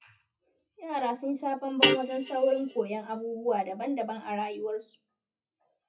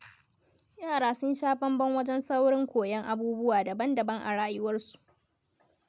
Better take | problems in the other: second | noise reduction (classical method WPE with log-MMSE)

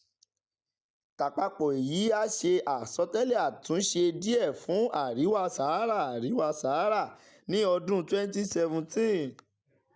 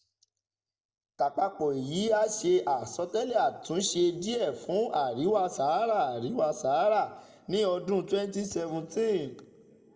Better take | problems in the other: first | room echo; dies away in 0.8 s

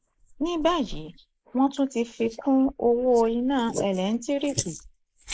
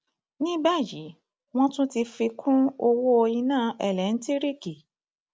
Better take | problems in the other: second | noise reduction (neural mask model Resemble Enhance denoiser)

